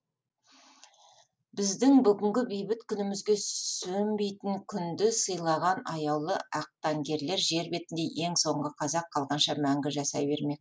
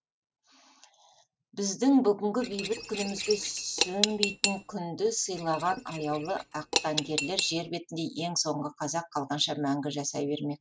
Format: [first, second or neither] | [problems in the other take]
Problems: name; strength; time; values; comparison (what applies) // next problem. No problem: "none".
first | noise reduction (neural mask model RNNoise)